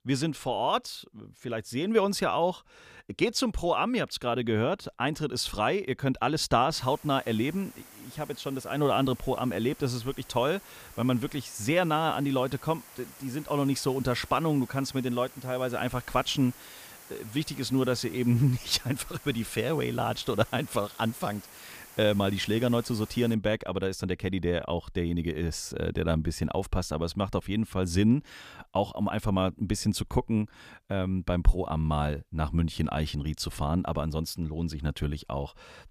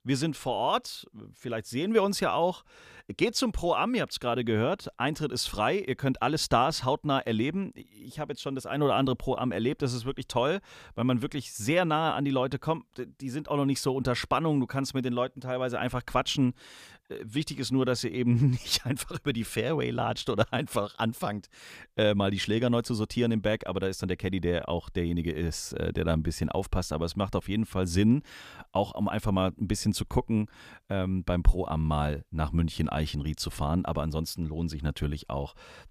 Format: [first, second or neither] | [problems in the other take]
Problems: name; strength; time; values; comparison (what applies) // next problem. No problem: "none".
second | hiss; noticeable; from 6.5 to 23 s; 20 dB below the speech